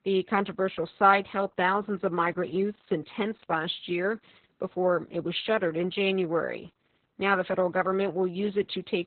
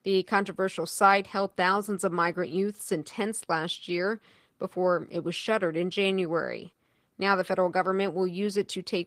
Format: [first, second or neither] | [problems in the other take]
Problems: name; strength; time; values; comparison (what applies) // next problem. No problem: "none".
second | garbled, watery; badly; nothing above 4 kHz; slightly in the second